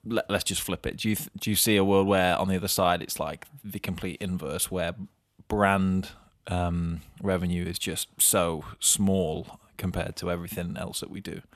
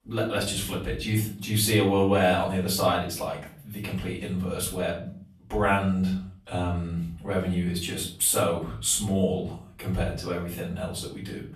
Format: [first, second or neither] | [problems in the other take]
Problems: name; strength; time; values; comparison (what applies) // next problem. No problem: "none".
first | room echo; slight; dies away in 0.4 s // off-mic speech; far